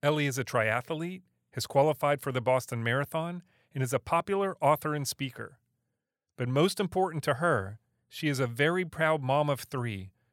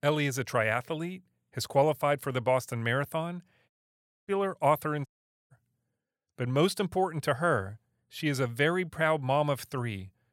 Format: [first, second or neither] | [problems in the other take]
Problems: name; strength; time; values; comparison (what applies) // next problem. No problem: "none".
first | audio cutting out; at 3.5 s for 0.5 s and at 5 s